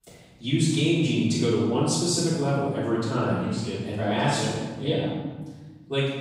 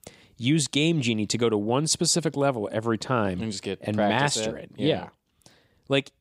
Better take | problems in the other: second | off-mic speech; far // room echo; strong; dies away in 1.3 s

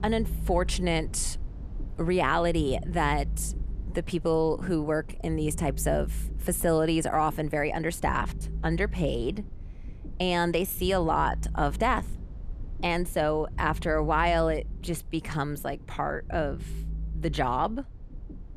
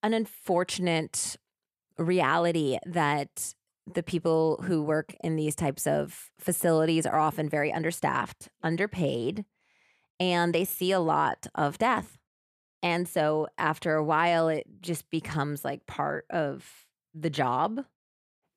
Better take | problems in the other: second | low rumble; faint; throughout; 25 dB below the speech

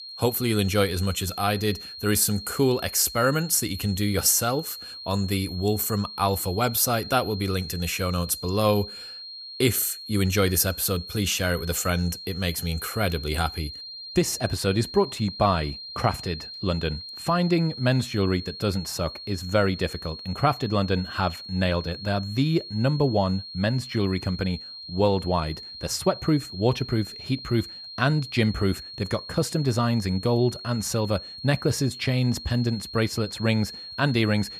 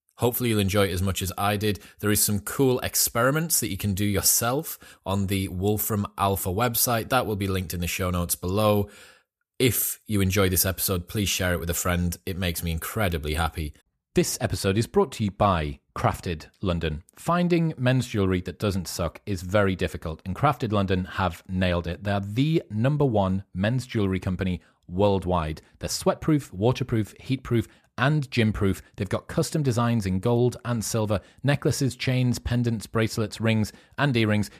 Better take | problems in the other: second | high-pitched whine; noticeable; throughout; 4 kHz, 10 dB below the speech

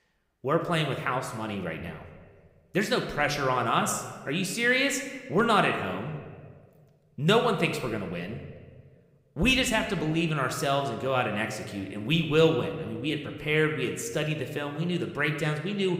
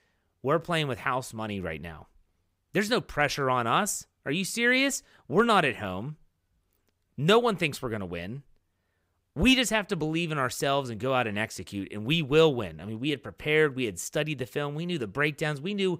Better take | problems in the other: second | room echo; slight; dies away in 1.1 s

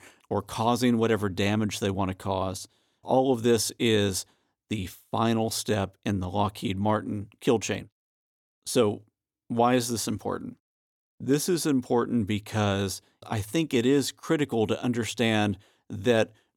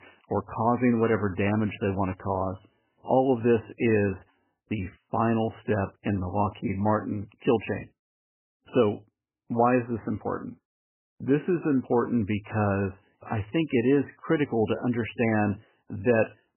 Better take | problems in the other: first | garbled, watery; badly; nothing above 3 kHz

